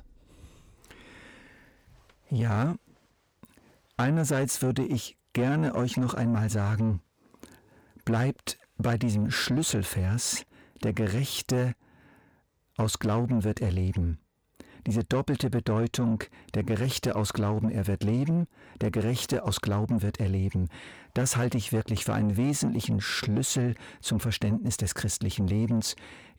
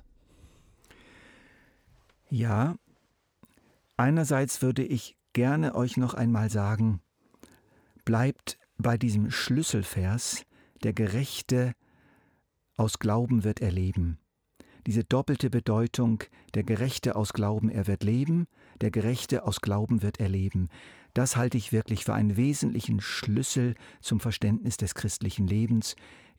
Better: second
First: distortion; slight; 10 dB below the speech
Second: none

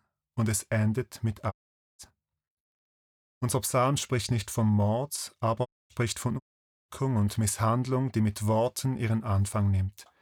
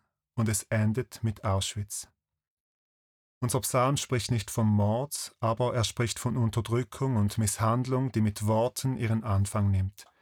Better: second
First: audio cutting out; at 1.5 s, at 5.5 s and at 6.5 s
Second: none

